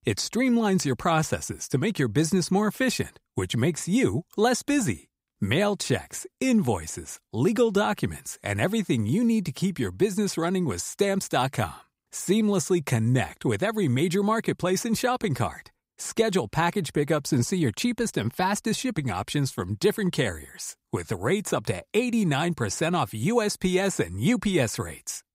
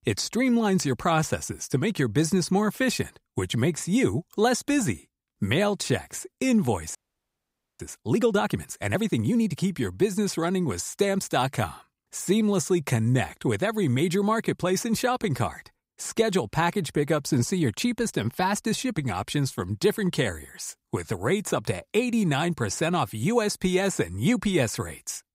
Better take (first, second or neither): first